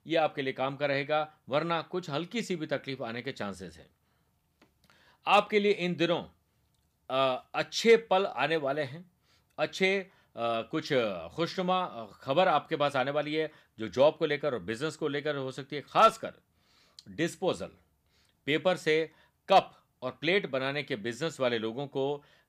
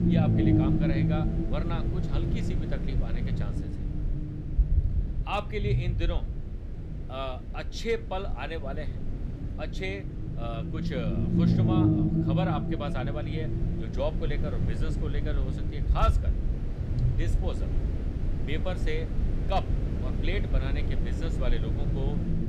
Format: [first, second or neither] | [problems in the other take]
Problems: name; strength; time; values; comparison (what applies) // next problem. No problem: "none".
first | low rumble; loud; throughout; 2 dB below the speech